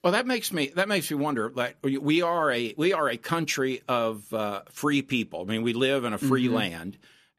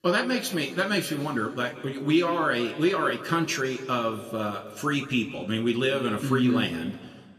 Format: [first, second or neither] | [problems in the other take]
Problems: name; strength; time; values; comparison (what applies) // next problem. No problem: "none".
first | room echo; slight; dies away in 1.5 s